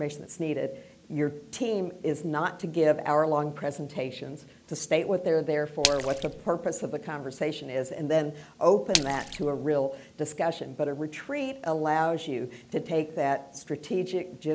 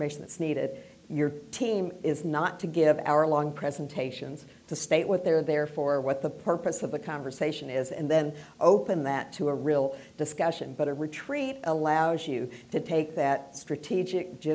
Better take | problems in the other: second | background sound (Splash, splatter); 4 dB below the speech

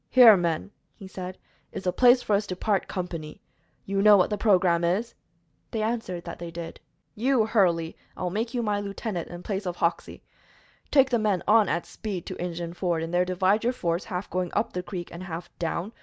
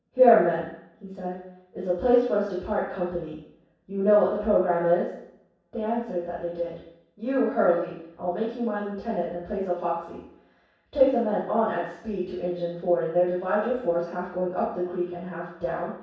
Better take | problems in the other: first | room echo; dies away in 0.7 s

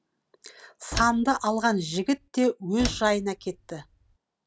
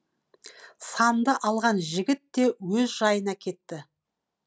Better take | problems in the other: second | background sound (Slam); 11 dB below the speech

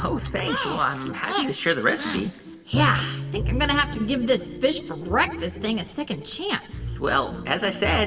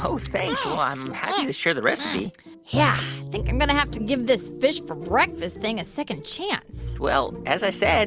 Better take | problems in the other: second | room echo; dies away in 1.6 s

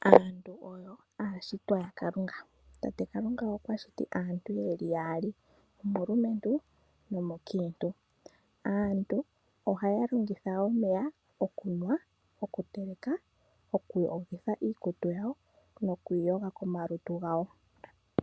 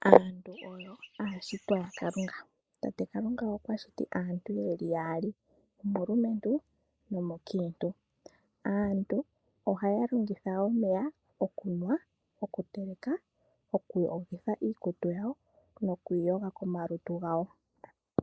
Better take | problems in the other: first | noise reduction (neural mask model Resemble Enhance denoiser)

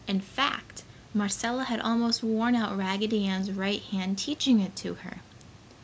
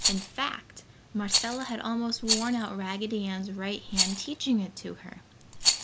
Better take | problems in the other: first | background sound (Rattle); as loud as the speech

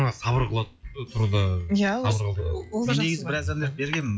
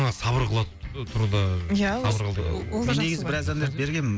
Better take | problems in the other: second | noise reduction (classical method log-MMSE)

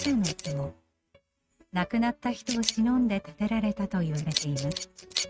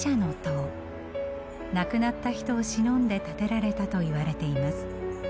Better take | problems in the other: second | noise reduction (neural mask model RNNoise)

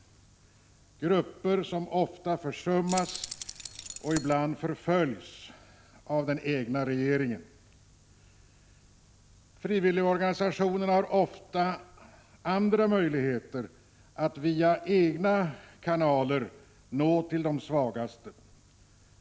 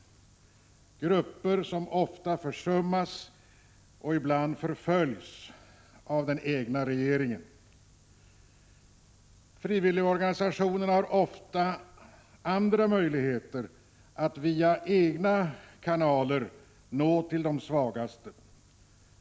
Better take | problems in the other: second | background sound (Keys jangling); 10 dB below the speech

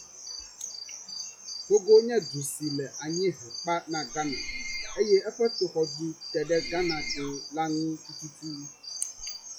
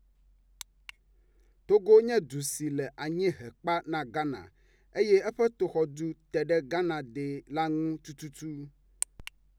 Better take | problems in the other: second | noise reduction (classical method log-MMSE)

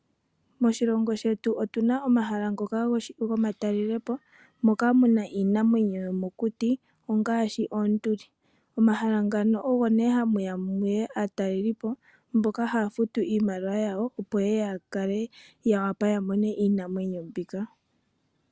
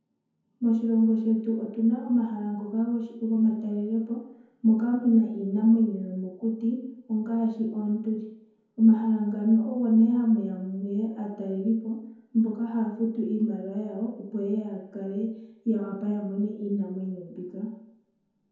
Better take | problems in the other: first | room echo; dies away in 0.9 s

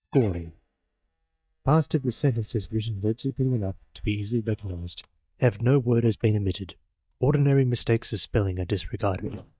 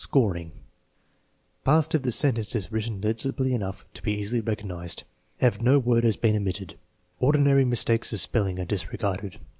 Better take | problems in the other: second | noise reduction (neural mask model DeepFilterNet 3)

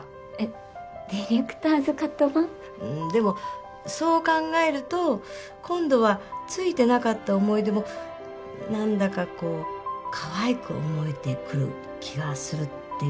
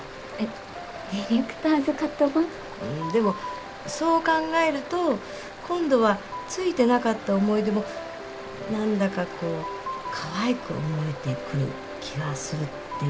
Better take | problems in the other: first | background sound (Stream); 15 dB below the speech

